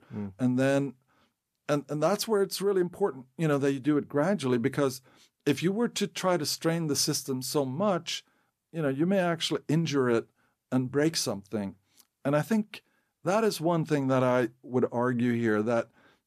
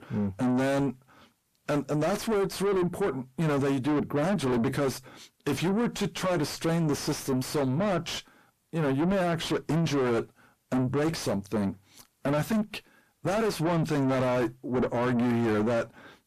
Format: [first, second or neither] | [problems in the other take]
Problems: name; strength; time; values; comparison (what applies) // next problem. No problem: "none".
first | distortion; heavy; 5 dB below the speech